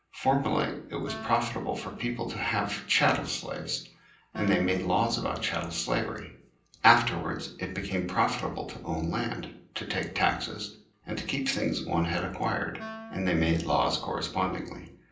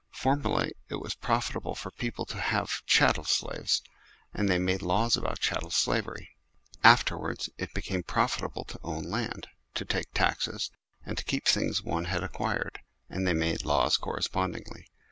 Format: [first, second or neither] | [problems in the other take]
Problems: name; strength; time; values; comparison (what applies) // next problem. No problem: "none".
second | background sound (Wind instrument, woodwind instrument); 17 dB below the speech // room echo; dies away in 0.6 s